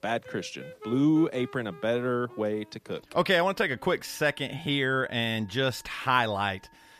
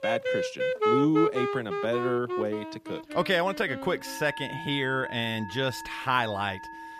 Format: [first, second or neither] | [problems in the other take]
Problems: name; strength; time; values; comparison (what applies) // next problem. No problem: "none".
first | background music; loud; throughout; 3 dB below the speech; faint in the first